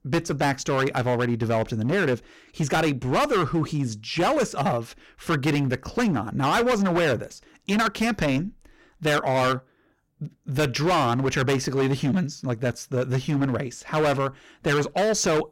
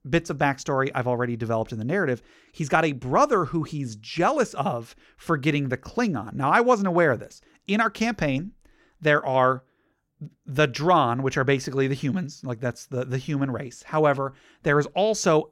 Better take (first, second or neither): second